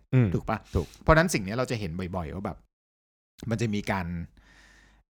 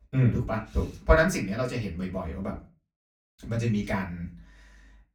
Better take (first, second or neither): first